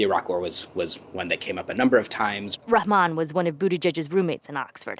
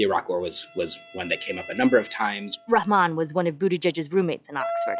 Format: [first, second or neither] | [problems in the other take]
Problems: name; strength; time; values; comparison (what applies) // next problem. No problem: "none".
first | noise reduction (classical method log-MMSE)